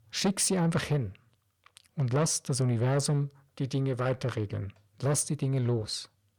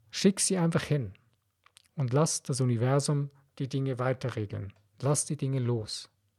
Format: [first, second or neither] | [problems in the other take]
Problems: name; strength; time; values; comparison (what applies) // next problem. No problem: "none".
second | distortion; slight; 10 dB below the speech